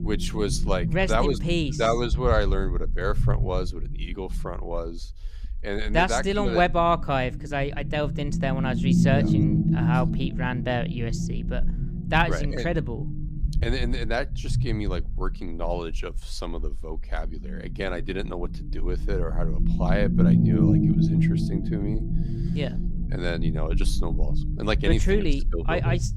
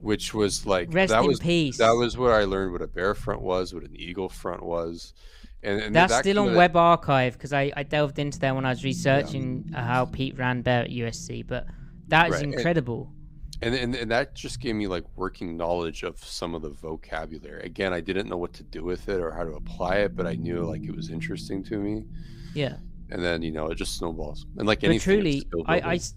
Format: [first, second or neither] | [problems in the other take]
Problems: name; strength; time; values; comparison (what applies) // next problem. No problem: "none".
second | low rumble; loud; throughout; 7 dB below the speech; faint in the second